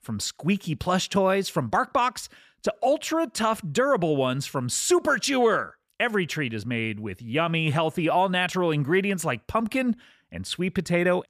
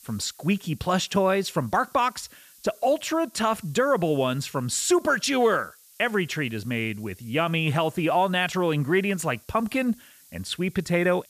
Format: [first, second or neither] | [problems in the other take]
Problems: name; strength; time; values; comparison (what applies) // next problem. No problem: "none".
first | hiss; faint; throughout; 25 dB below the speech